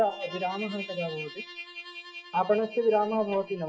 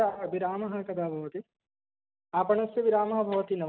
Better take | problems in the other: second | noise reduction (classical method log-MMSE)

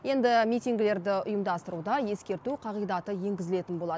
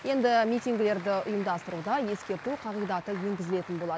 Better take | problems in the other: first | background sound (Applause); 16 dB below the speech

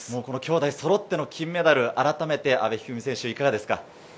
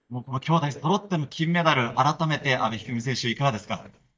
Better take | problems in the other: first | noise reduction (neural mask model DeepFilterNet 3)

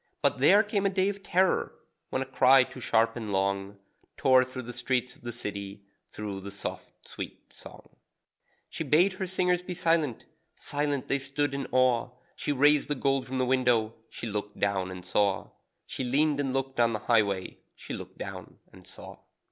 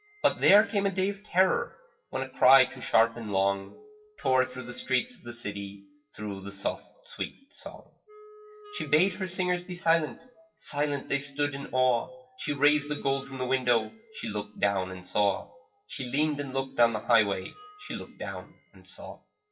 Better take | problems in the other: first | noise reduction (classical method WPE with log-MMSE)

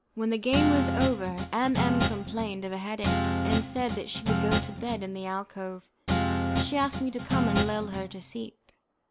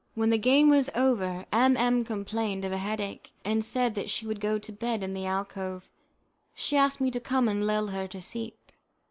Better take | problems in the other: second | background sound (Guitar); 1 dB above the speech

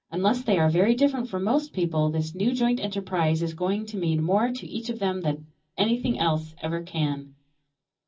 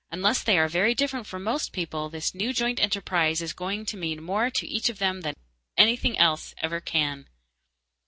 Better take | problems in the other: second | room echo; dies away in 0.4 s

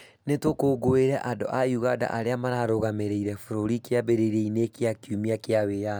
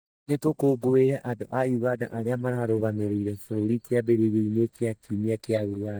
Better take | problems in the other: first | noise reduction (neural mask model DeepFilterNet 3)

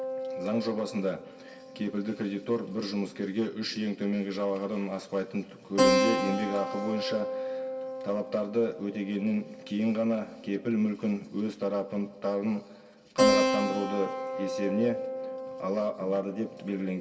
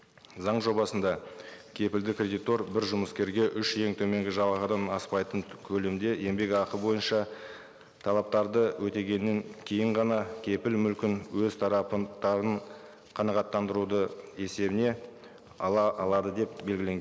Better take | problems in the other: second | background sound (Keyboard (musical)); 2 dB below the speech // room echo; dies away in 0.2 s

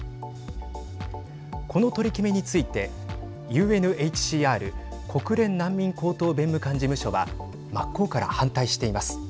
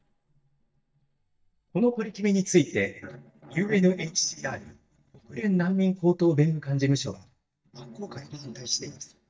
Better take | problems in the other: first | noise reduction (neural mask model DeepFilterNet 3)

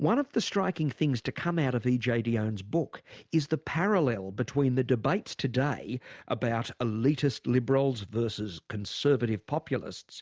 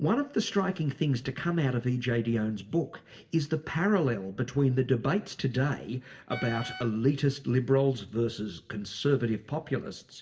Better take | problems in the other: first | background sound (Wind instrument, woodwind instrument); 14 dB below the speech // room echo; dies away in 0.7 s

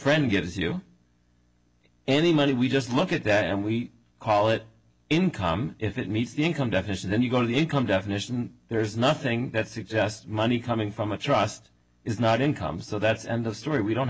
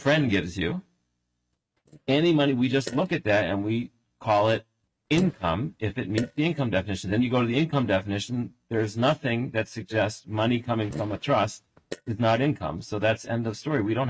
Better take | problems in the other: first | noise reduction (neural mask model RNNoise)

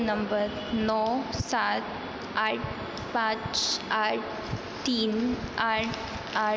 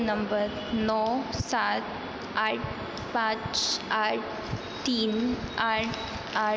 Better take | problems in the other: first | background sound (Bird); 20 dB below the speech

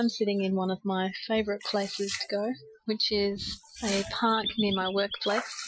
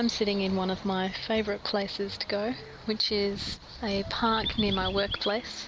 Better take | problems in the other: second | noise reduction (classical method Wiener filter)

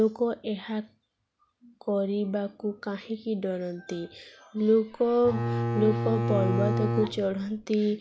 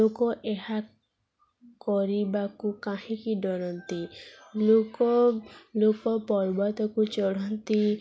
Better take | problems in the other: second | background sound (Bowed string instrument); 1 dB below the speech

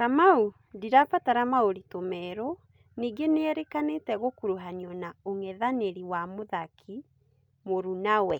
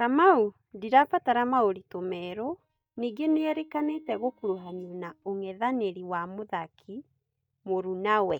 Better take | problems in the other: first | noise reduction (neural mask model DeepFilterNet 3)

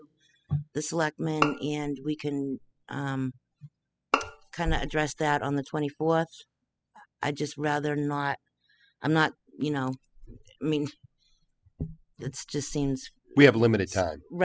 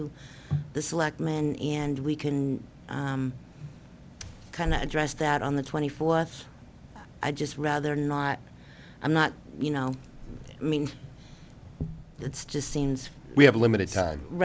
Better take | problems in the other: second | noise reduction (classical method spectral subtraction)

